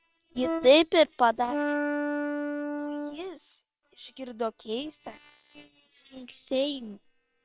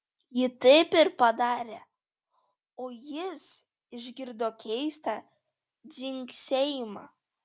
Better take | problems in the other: second | noise reduction (neural separator model SepFormer WHAM!)

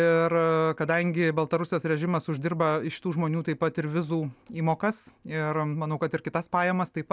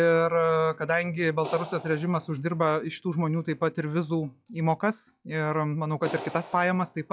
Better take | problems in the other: first | noise reduction (classical method log-MMSE)

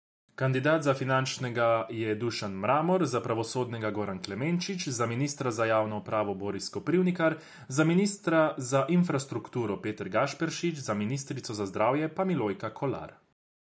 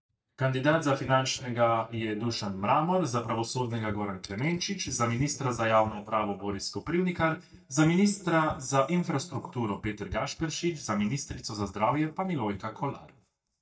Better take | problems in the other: first | noise reduction (neural mask model DeepFilterNet 3)

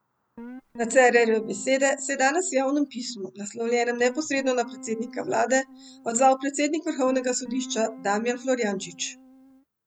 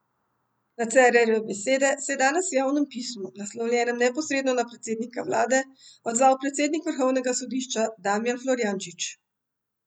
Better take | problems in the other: second | background sound (Guitar); 18 dB below the speech

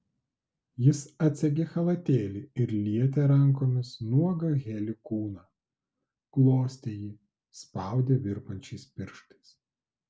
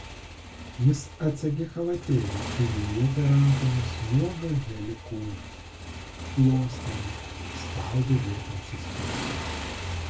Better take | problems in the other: first | background sound (Motorcycle); 8 dB below the speech // room echo; dies away in 0.2 s

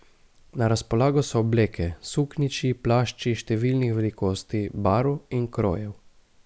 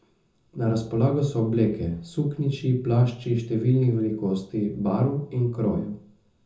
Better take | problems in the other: first | room echo; dies away in 0.5 s

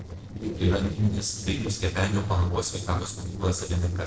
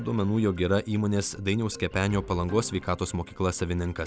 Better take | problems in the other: second | noise reduction (neural separator model SepFormer DNS4)

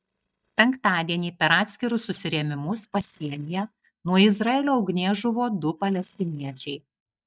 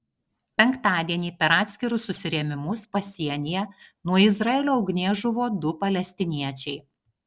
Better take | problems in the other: second | noise reduction (neural mask model DeepFilterNet 3)

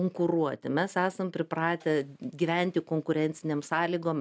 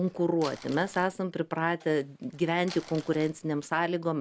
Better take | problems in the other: first | background sound (Crumpling, crinkling); 20 dB below the speech

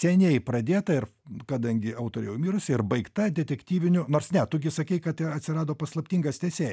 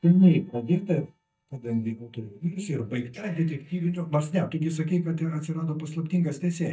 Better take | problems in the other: first | noise reduction (neural mask model DeepFilterNet 3)

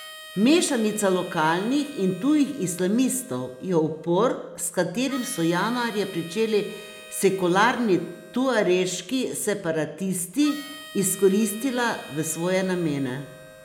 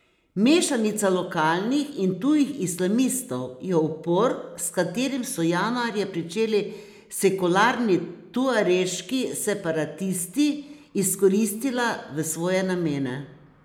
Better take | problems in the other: second | background sound (Harmonica); 19 dB below the speech

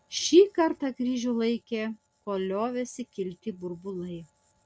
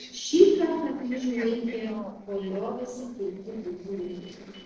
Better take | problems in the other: first | noise reduction (neural separator model SepFormer DNS4)

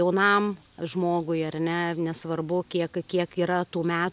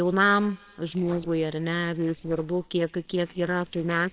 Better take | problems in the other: first | noise reduction (neural separator model SepFormer WHAMR!)

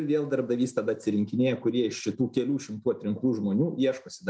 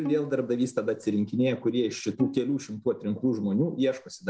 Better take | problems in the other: first | background sound (Bowed string instrument); 14 dB below the speech

